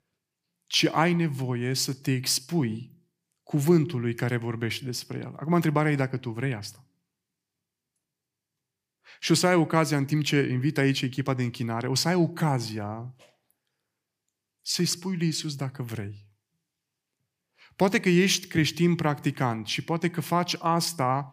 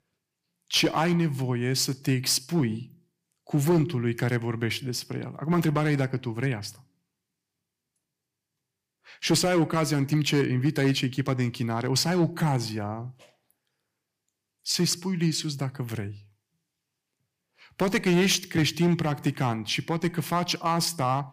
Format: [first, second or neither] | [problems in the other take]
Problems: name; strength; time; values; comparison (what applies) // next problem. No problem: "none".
first | distortion; slight; 3% of the sound clipped